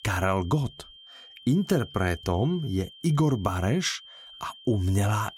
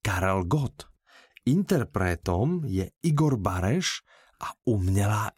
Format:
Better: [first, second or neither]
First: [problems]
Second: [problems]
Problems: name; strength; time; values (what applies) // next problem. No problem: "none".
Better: second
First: high-pitched whine; noticeable; throughout; 3 kHz, 20 dB below the speech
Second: none